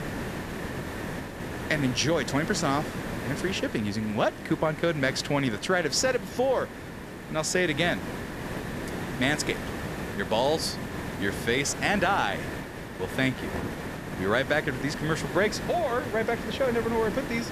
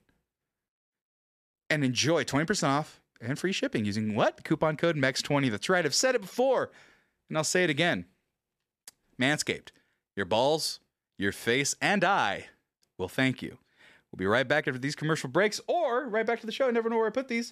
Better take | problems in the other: second | hiss; loud; throughout; 8 dB below the speech

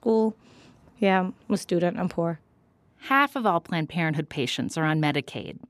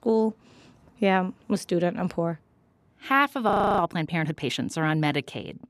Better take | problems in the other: first | audio freezing; at 3.5 s

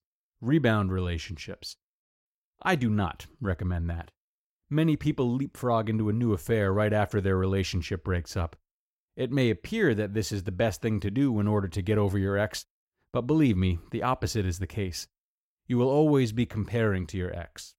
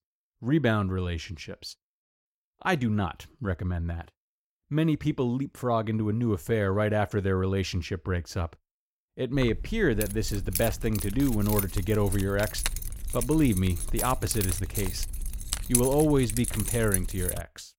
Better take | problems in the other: first | jangling keys; loud; from 9.5 s on; peak 2 dB above the speech

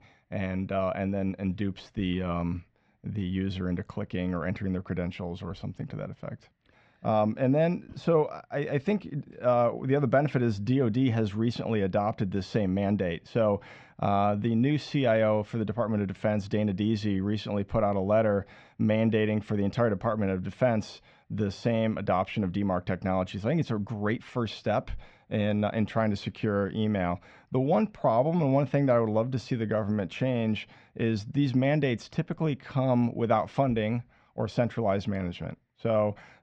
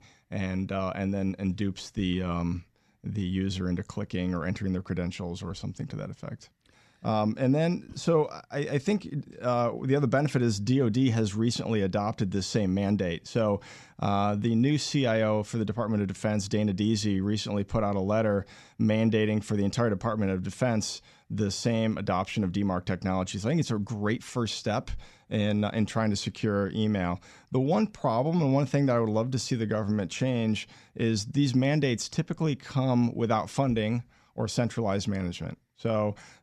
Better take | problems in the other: second | muffled; slightly; fading above 2.5 kHz

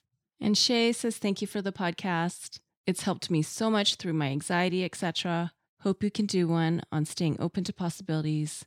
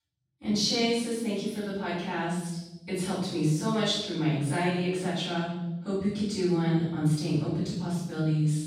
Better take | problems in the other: first | off-mic speech; far // room echo; strong; dies away in 0.9 s

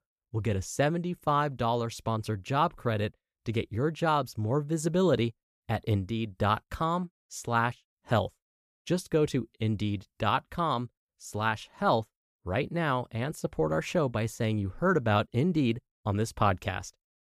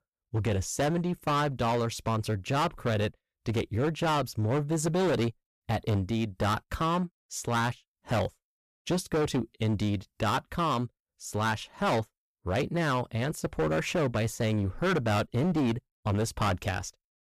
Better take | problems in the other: first | distortion; heavy; 15% of the sound clipped

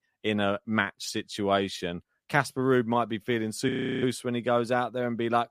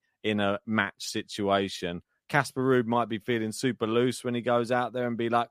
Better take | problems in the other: second | audio freezing; at 3.5 s

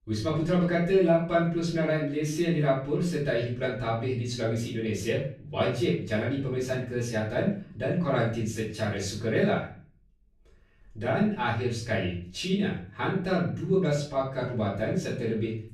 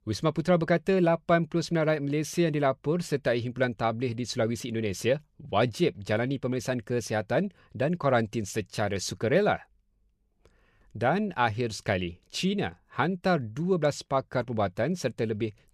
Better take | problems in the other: second | off-mic speech; far // room echo; noticeable; dies away in 0.4 s

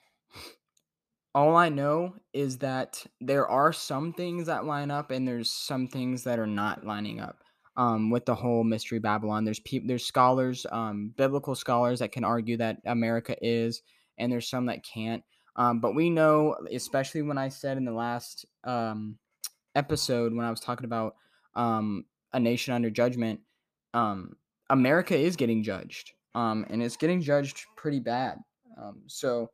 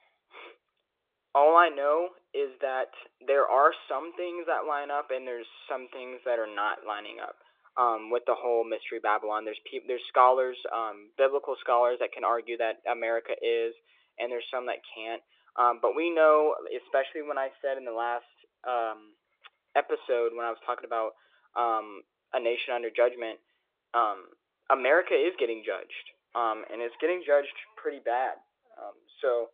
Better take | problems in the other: first | phone-call audio

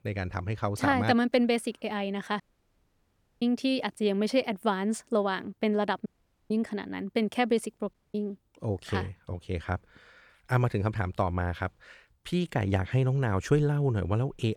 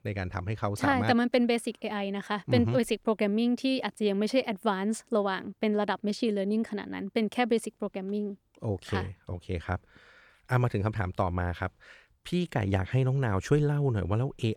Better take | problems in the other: second | audio cutting out; at 2.5 s for 1 s, at 6 s and at 8 s

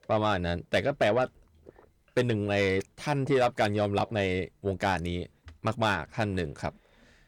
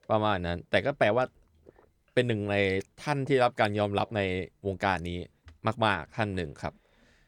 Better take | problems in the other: second | distortion; slight; 10 dB below the speech

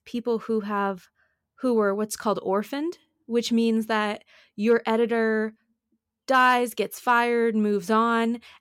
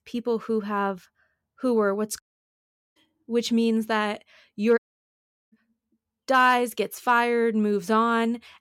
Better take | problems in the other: first | audio cutting out; at 2 s for 1 s and at 5 s for 0.5 s

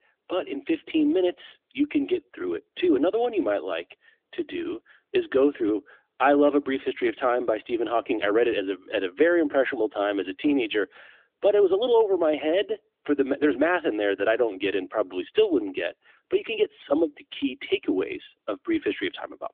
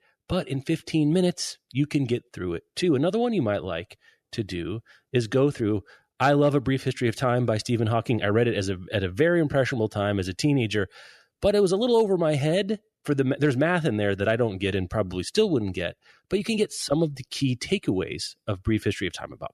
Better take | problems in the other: second | phone-call audio; nothing above 3.5 kHz

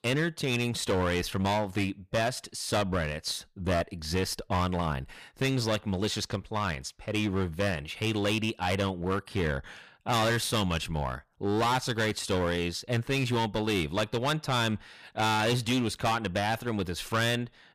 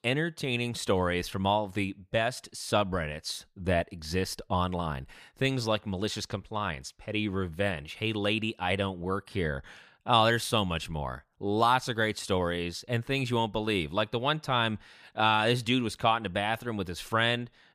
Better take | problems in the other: second | distortion; heavy; 13% of the sound clipped

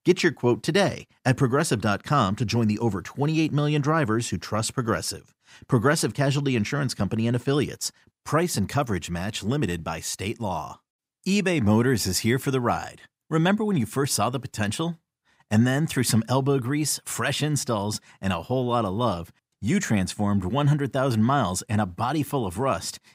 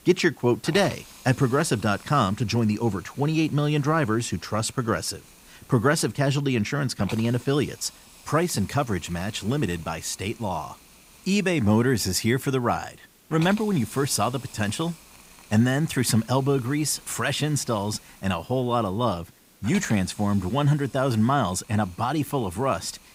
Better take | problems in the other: first | hiss; faint; throughout; 20 dB below the speech

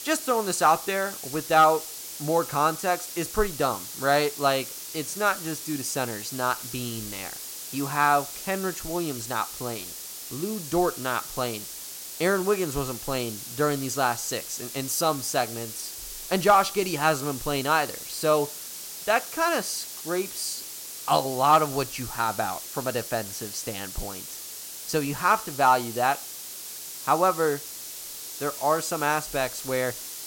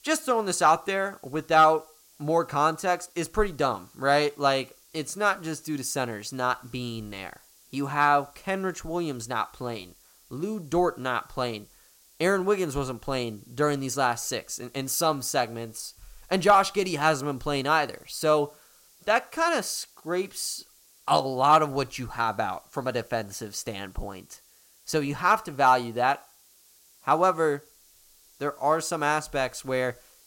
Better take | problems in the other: second | hiss; loud; throughout; 9 dB below the speech; faint in the second

